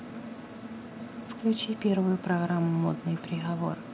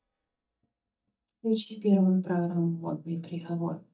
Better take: first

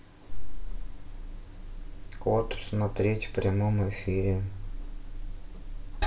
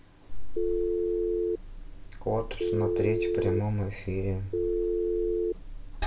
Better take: first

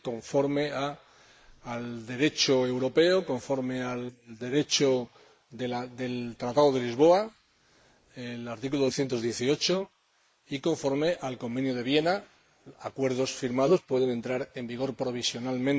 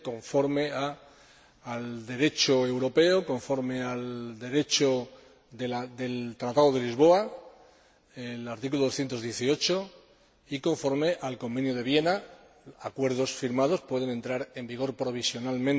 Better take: second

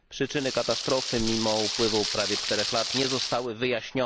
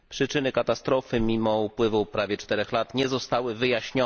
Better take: second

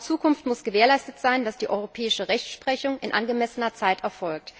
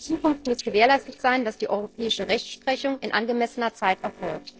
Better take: first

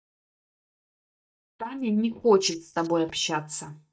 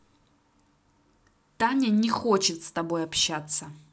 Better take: second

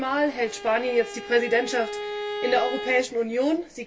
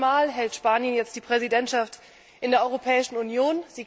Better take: second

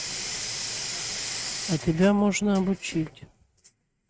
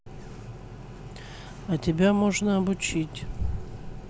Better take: second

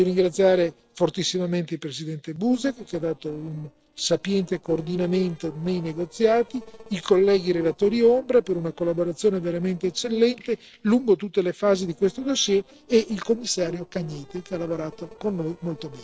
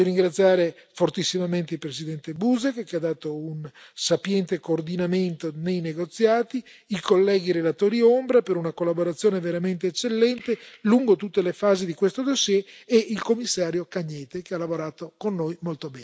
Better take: second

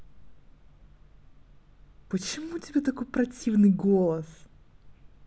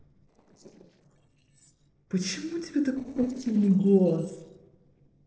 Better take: first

